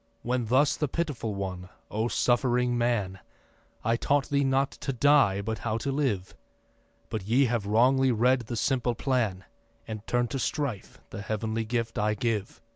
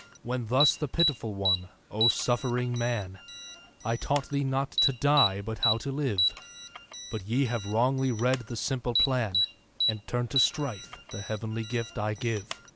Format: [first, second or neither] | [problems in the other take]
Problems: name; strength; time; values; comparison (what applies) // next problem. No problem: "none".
first | background sound (Alarm); 3 dB below the speech